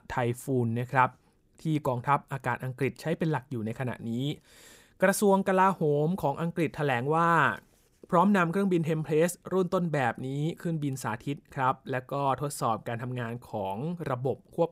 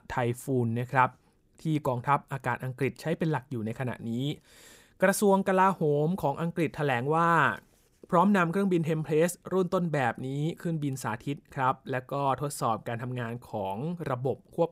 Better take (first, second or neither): neither